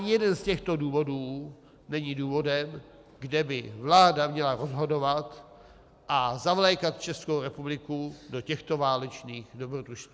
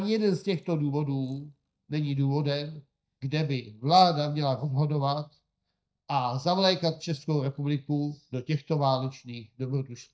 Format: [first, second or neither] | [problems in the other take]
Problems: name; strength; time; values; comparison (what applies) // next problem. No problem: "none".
first | noise reduction (neural mask model DeepFilterNet 3)